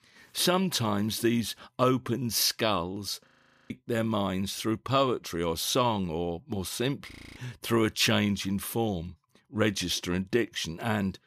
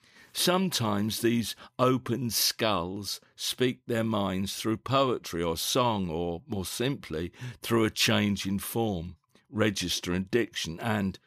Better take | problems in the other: second | audio freezing; at 3.5 s and at 7 s

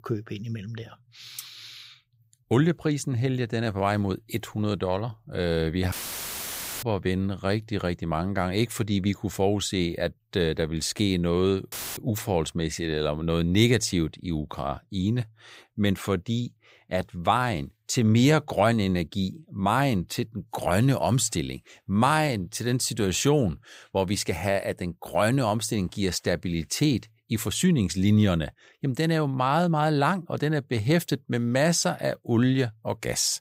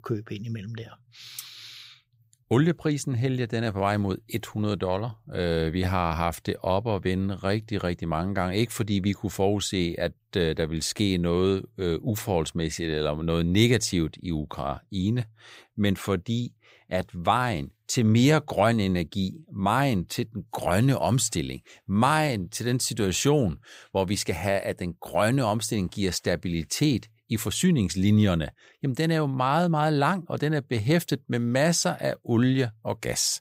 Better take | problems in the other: second | audio cutting out; filled with static; at 6 s for 1 s and at 12 s

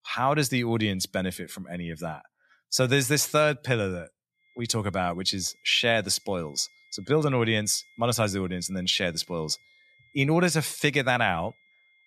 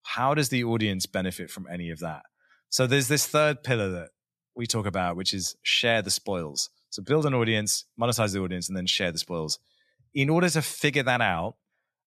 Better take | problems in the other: second | high-pitched whine; faint; from 4.5 s on; 2 kHz, 30 dB below the speech

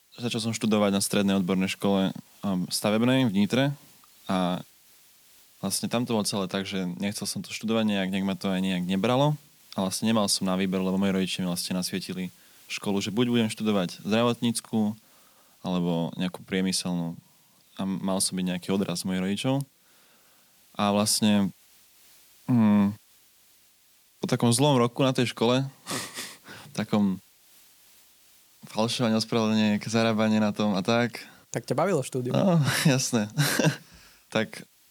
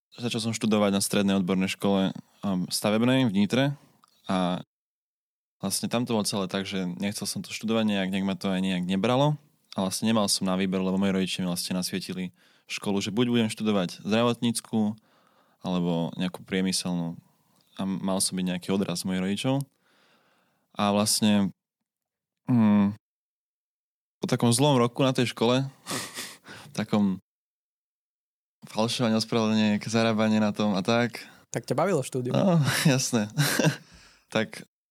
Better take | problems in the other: second | hiss; faint; throughout; 30 dB below the speech

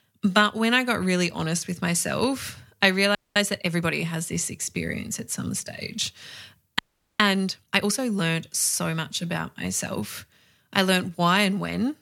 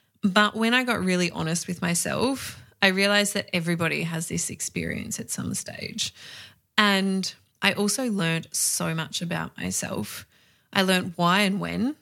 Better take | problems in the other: second | audio freezing; at 3 s and at 7 s

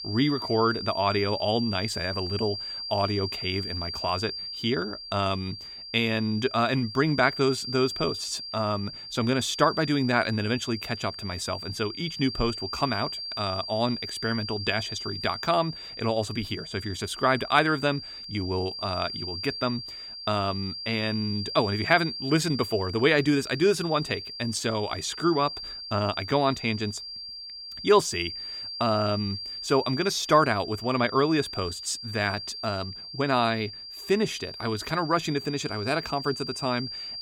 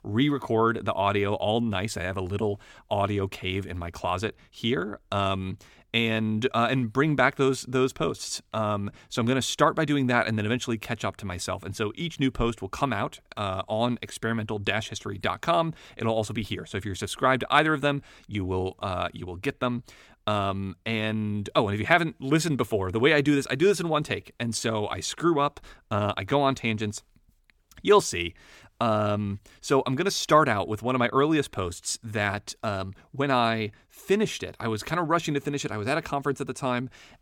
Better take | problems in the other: second | high-pitched whine; loud; throughout; 4.5 kHz, 8 dB below the speech

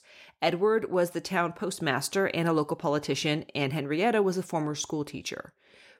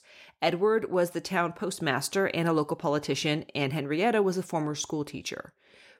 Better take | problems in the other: neither | none

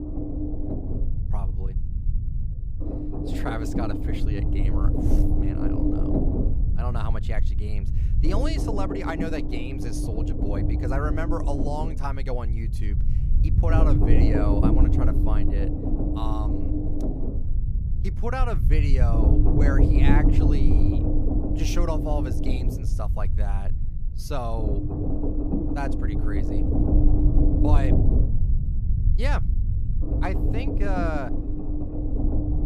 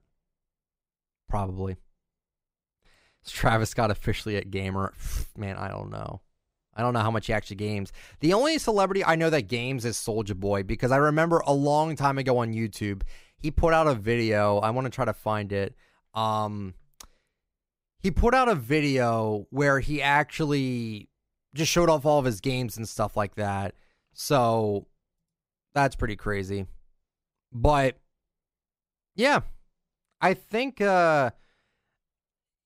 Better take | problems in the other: second | low rumble; loud; throughout; as loud as the speech

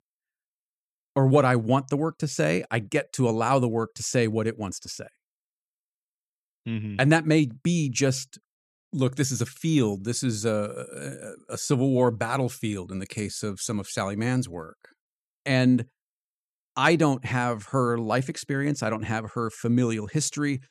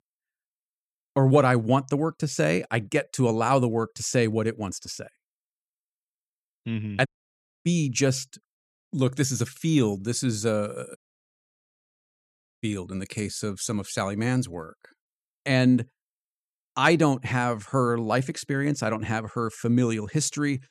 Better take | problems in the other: first | audio cutting out; at 7 s for 0.5 s and at 11 s for 1.5 s

